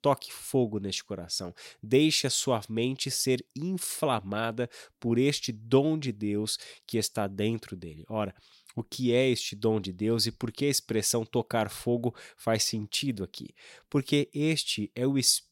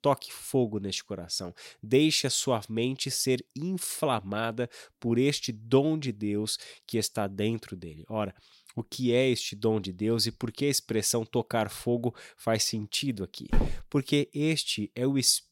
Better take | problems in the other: first | footsteps; noticeable; at 14 s; peak 4 dB below the speech

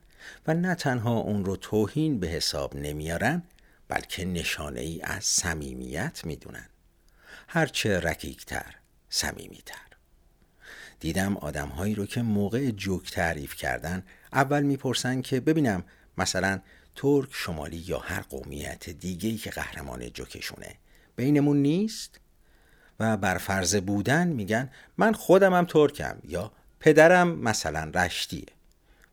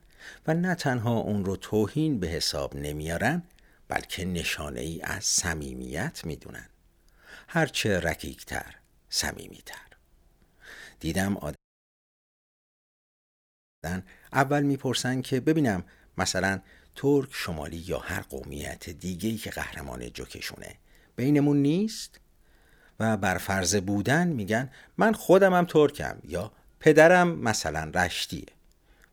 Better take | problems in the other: first | audio cutting out; at 12 s for 2.5 s

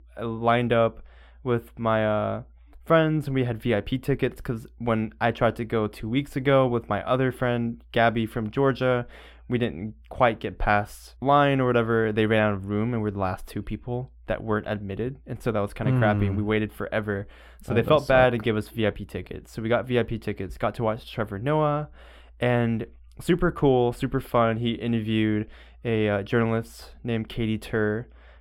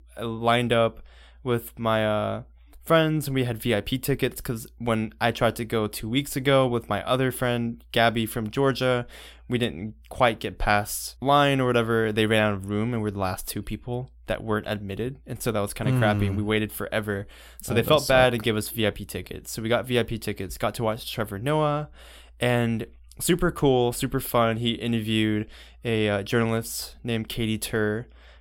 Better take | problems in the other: second | muffled; slightly; fading above 3.5 kHz

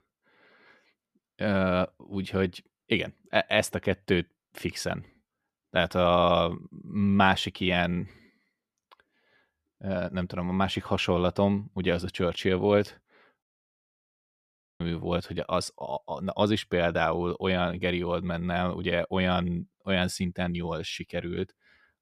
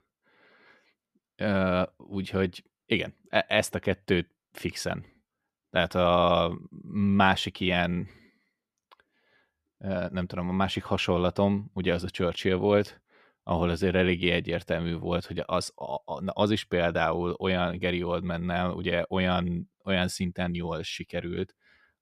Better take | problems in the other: second | audio cutting out; at 13 s for 1.5 s

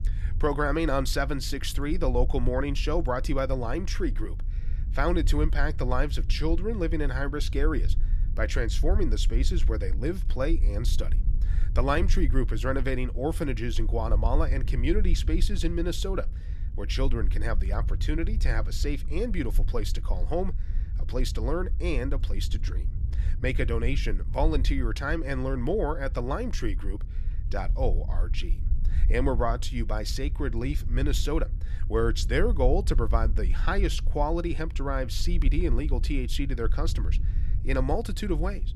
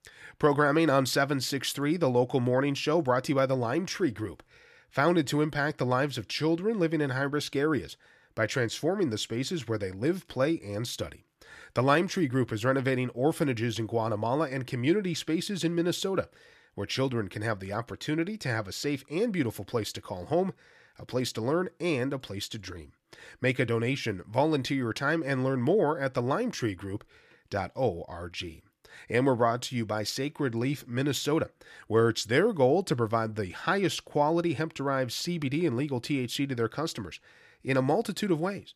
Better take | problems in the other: second | low rumble; noticeable; throughout; 20 dB below the speech

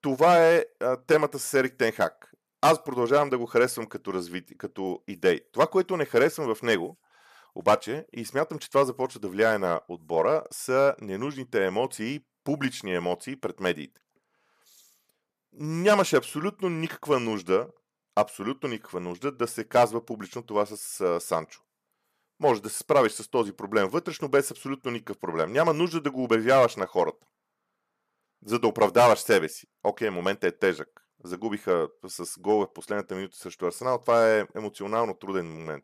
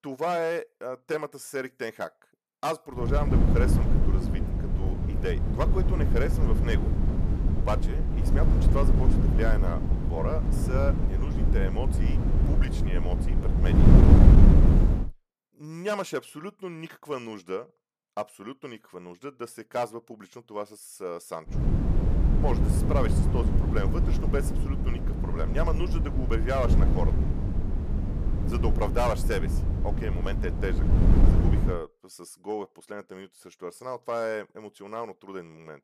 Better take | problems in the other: first | wind noise on the microphone; heavy; from 3 to 15 s and from 22 to 32 s; 2 dB below the speech

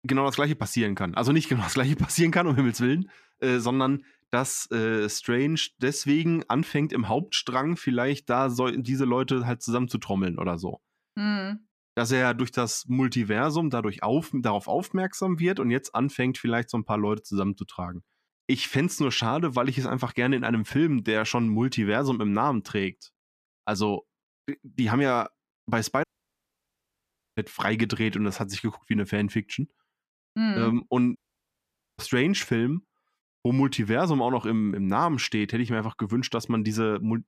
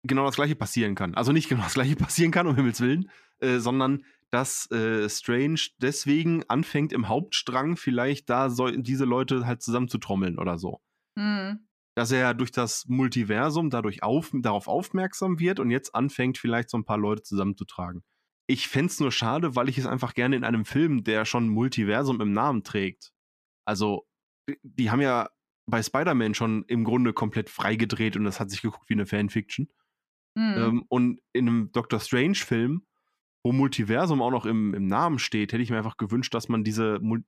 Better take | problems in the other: second | audio cutting out; at 26 s for 1.5 s and at 31 s for 1 s

